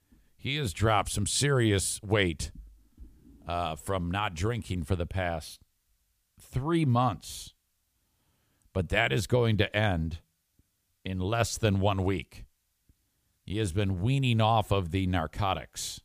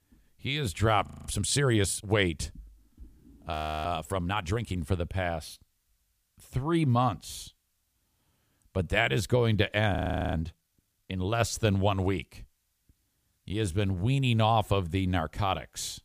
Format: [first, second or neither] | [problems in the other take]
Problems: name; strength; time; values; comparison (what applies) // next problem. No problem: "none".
first | audio freezing; at 1 s, at 3.5 s and at 10 s